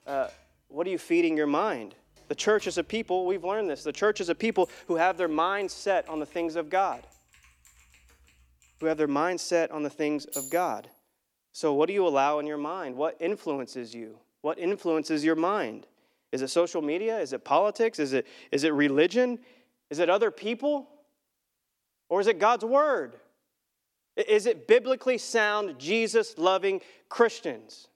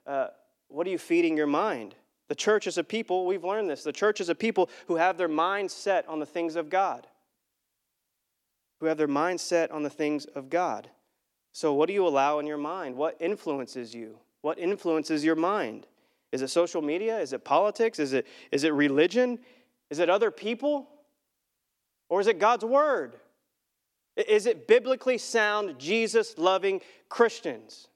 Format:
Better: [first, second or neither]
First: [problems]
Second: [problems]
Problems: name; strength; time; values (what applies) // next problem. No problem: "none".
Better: second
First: household noises; noticeable; until 11 s; 20 dB below the speech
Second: none